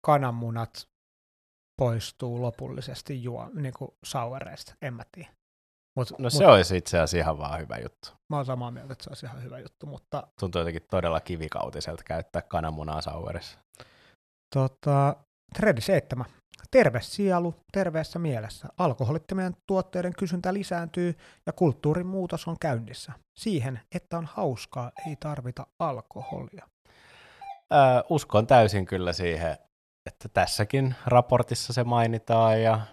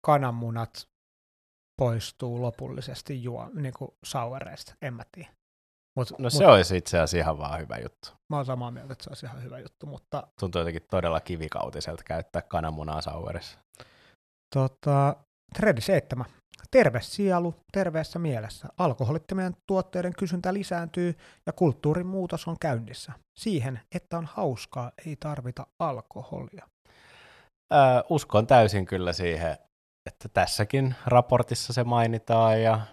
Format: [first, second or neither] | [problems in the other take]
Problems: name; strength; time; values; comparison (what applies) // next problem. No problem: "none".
second | doorbell; faint; from 25 to 28 s; peak 15 dB below the speech